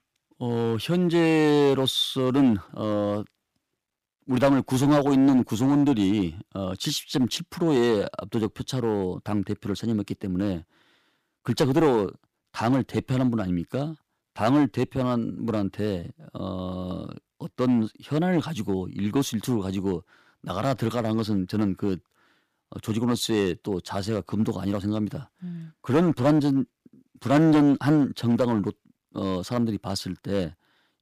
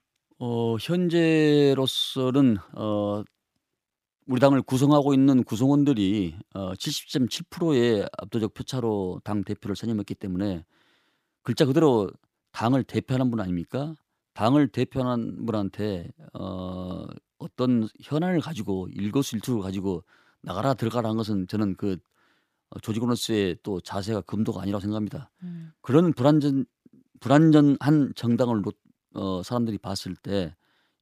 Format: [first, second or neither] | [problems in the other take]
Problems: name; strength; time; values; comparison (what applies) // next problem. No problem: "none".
second | distortion; slight; 4% of the sound clipped